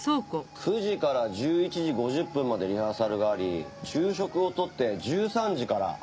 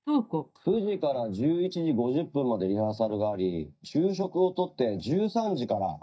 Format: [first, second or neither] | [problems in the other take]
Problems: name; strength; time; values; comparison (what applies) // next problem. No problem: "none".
first | noise reduction (neural mask model DeepFilterNet 3)